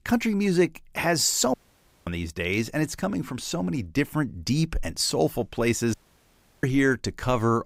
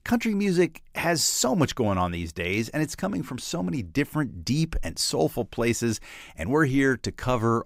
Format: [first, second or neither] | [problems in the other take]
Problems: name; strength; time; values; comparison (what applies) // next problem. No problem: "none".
second | audio cutting out; at 1.5 s for 0.5 s and at 6 s for 0.5 s